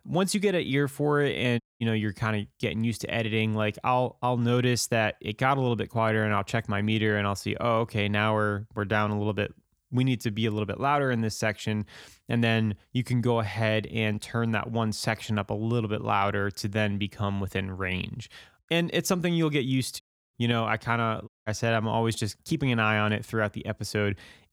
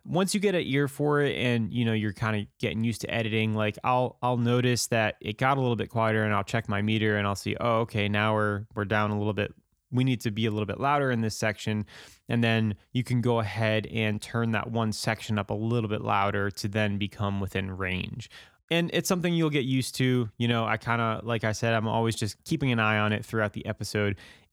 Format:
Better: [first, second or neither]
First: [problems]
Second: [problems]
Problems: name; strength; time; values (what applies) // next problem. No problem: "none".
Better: second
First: audio cutting out; at 1.5 s, at 20 s and at 21 s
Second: none